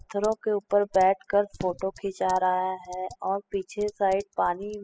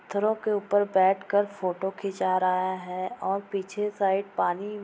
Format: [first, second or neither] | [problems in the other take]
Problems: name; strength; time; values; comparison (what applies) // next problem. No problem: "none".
second | noise reduction (classical method spectral subtraction)